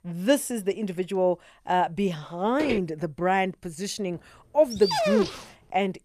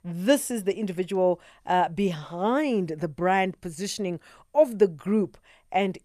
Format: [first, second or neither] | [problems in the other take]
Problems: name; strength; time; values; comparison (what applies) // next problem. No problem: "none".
second | footsteps; noticeable; at 2.5 s; peak 5 dB below the speech // dog barking; loud; at 4.5 s; peak 2 dB above the speech